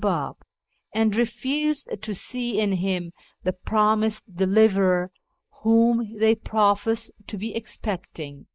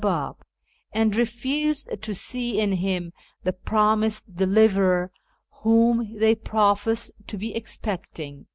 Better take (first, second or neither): second